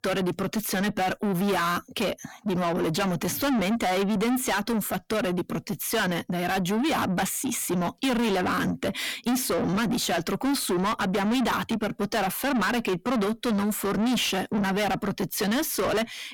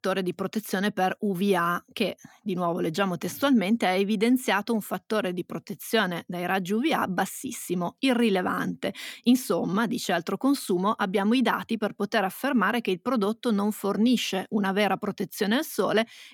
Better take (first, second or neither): second